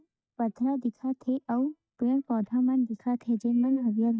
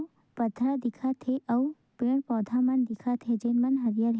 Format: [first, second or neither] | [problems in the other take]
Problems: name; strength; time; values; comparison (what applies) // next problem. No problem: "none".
second | noise reduction (neural mask model DeepFilterNet 3)